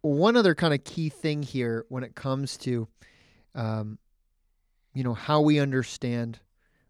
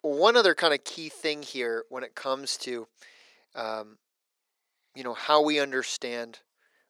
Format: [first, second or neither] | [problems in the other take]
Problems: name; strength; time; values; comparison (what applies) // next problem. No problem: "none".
first | thin; very; fading below 450 Hz